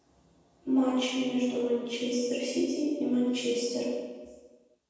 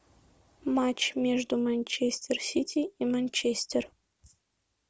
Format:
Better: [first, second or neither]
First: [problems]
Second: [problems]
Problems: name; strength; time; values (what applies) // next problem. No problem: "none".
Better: second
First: room echo; dies away in 1.2 s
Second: none